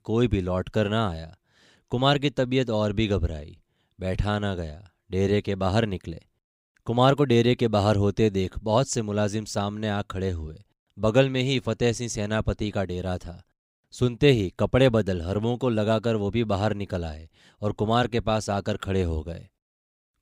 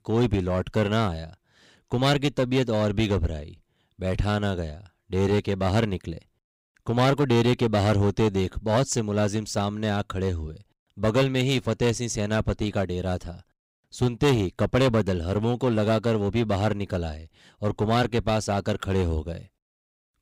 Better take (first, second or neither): first